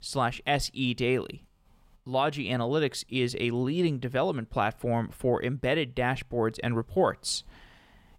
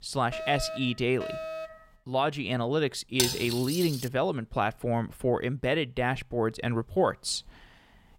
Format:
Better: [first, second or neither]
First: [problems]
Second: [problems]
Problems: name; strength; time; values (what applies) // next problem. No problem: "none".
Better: first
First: none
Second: alarm; noticeable; until 2 s; peak 7 dB below the speech // clattering dishes; loud; at 3 s; peak 1 dB above the speech